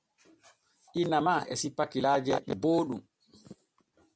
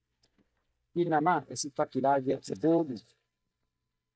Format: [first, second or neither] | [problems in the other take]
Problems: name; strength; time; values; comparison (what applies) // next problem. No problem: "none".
first | noise reduction (neural mask model DeepFilterNet 3)